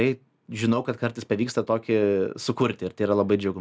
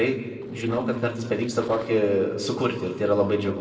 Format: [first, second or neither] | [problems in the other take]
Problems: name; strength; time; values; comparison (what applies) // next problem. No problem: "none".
first | noise reduction (neural separator model SepFormer DNS4)